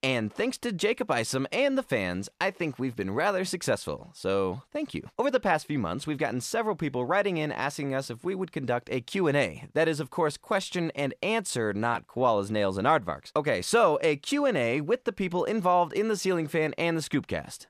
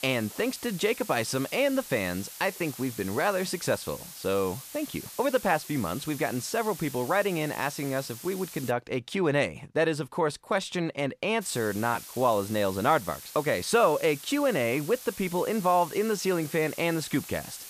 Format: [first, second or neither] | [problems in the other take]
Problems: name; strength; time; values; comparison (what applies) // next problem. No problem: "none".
first | hiss; noticeable; until 8.5 s and from 11 s on; 15 dB below the speech